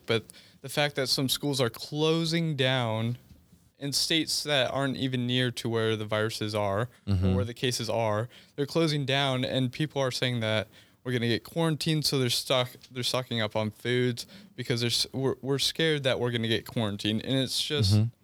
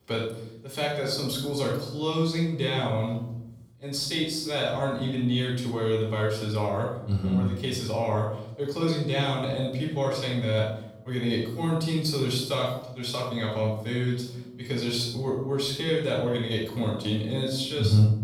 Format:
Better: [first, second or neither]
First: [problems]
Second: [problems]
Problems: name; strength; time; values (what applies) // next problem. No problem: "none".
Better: first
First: none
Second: off-mic speech; far // room echo; noticeable; dies away in 0.8 s